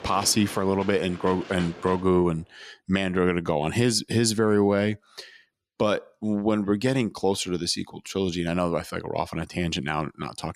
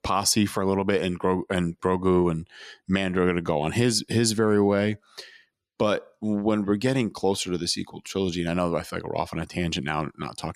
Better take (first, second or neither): second